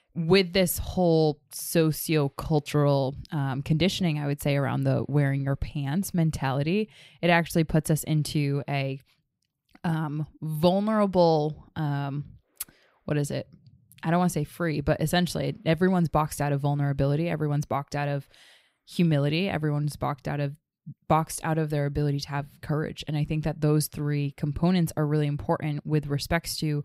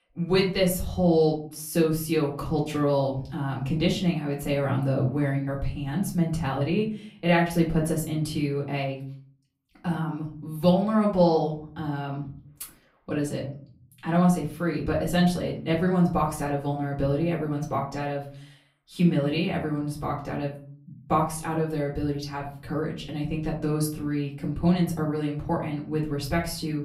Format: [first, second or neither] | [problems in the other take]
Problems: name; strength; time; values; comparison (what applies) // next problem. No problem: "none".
first | room echo; slight; dies away in 0.4 s // off-mic speech; far